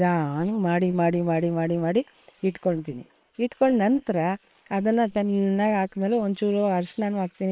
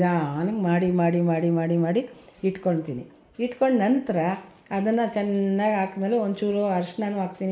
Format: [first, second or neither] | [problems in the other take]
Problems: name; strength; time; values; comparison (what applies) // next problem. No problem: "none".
second | noise reduction (neural separator model SepFormer WHAM!)